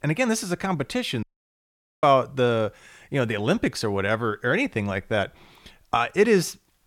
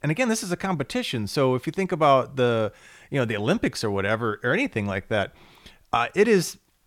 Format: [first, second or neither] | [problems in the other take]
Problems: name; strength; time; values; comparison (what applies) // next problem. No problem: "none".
second | audio cutting out; at 1 s for 1 s